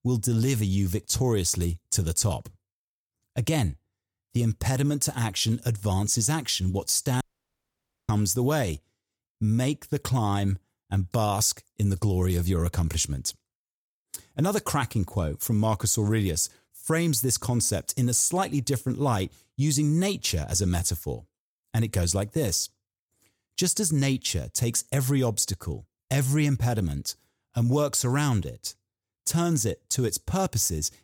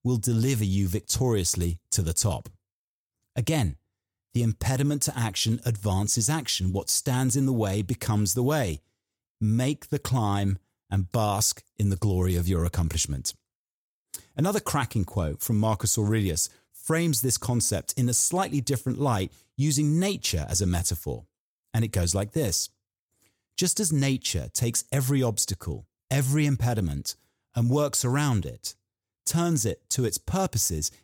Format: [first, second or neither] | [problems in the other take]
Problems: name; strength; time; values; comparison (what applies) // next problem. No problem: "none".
second | audio cutting out; at 7 s for 1 s